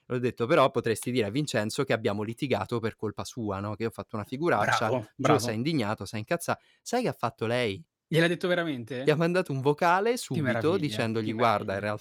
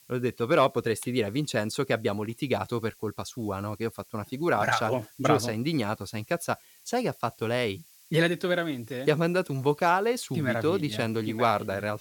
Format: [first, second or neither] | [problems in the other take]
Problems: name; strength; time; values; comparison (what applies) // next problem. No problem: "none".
first | hiss; faint; throughout; 25 dB below the speech